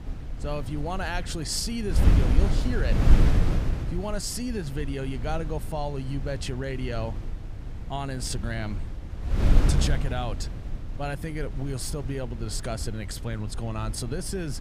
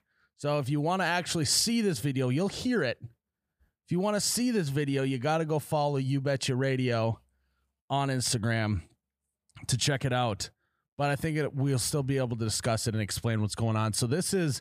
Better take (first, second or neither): second